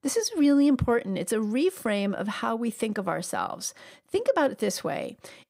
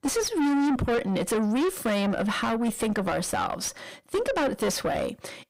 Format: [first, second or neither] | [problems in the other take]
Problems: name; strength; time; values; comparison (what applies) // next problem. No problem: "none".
first | distortion; heavy; 5 dB below the speech